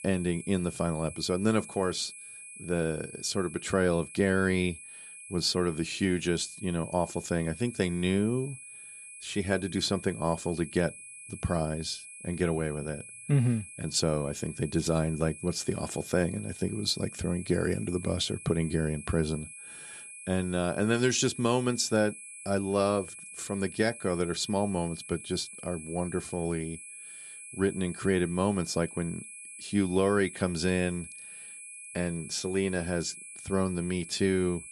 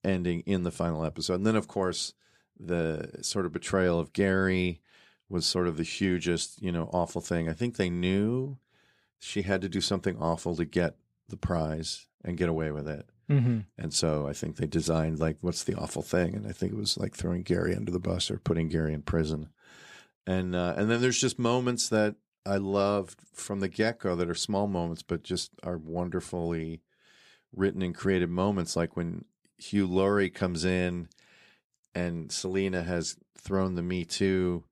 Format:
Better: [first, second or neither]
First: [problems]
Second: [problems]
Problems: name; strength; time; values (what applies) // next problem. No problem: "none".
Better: second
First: high-pitched whine; noticeable; throughout; 2.5 kHz, 15 dB below the speech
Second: none